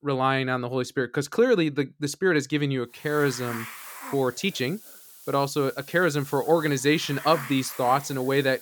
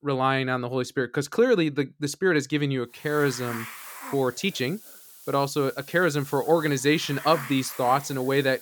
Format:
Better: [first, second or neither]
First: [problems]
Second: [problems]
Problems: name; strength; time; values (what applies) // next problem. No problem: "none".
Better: neither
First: hiss; noticeable; from 3 s on; 15 dB below the speech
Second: hiss; noticeable; from 3 s on; 15 dB below the speech